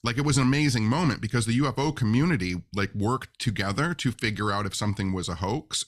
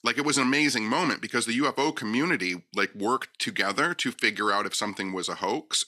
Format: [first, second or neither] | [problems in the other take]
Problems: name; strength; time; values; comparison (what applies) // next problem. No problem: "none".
first | thin; somewhat; fading below 300 Hz